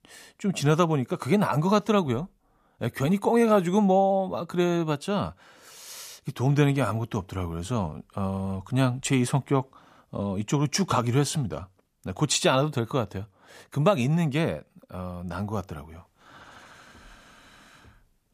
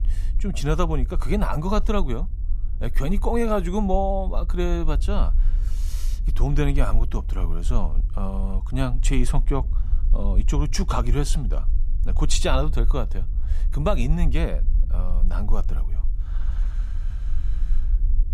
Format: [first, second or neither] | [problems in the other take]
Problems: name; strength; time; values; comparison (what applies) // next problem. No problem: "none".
first | low rumble; faint; throughout; 20 dB below the speech